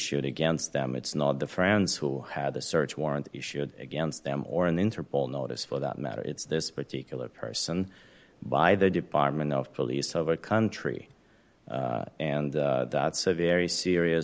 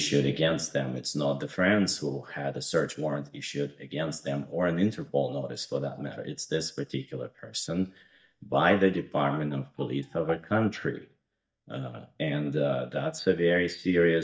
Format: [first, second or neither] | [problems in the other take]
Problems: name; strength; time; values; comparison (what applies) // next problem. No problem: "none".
first | noise reduction (neural mask model DeepFilterNet 3)